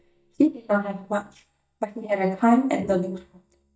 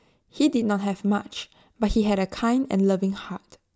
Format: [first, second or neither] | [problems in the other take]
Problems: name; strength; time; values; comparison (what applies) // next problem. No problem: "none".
second | noise reduction (neural mask model DeepFilterNet 3)